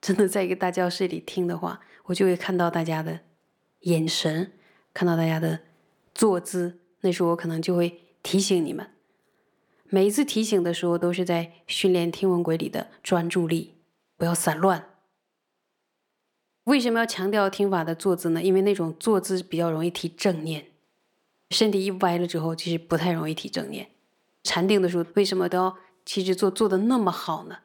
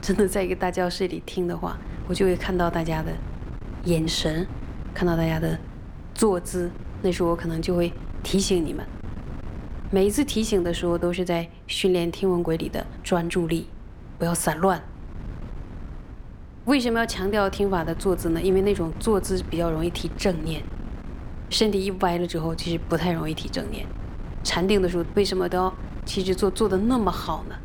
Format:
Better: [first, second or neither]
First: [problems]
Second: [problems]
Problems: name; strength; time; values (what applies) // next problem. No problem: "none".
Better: first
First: none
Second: wind noise on the microphone; occasional gusts; 20 dB below the speech